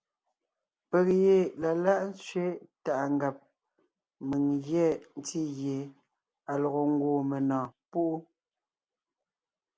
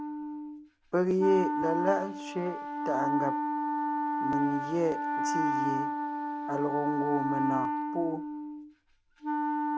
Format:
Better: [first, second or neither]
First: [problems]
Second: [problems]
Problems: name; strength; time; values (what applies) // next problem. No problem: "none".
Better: first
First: none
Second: background sound (Wind instrument, woodwind instrument); as loud as the speech